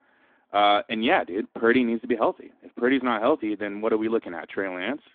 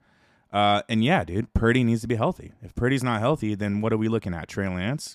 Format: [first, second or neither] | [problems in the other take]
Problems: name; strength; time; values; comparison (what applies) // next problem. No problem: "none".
second | phone-call audio; nothing above 3.5 kHz